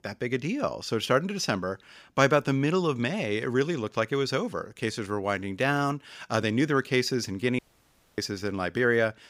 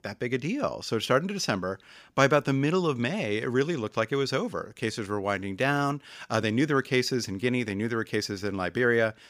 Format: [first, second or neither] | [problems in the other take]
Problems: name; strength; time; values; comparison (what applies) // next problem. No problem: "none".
second | audio cutting out; at 7.5 s for 0.5 s